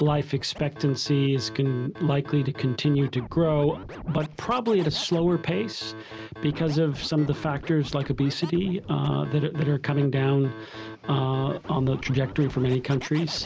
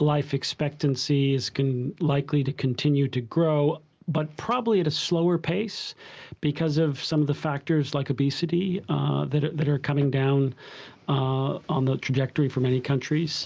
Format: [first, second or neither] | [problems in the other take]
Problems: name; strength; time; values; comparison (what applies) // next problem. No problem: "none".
second | background sound (Scratching (performance technique)); 15 dB below the speech